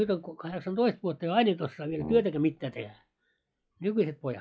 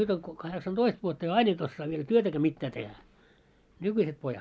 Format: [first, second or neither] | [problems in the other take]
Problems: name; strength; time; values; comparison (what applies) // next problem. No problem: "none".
second | noise reduction (classical method log-MMSE)